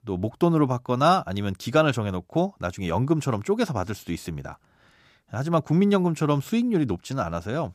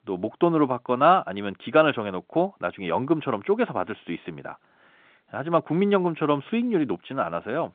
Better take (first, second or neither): first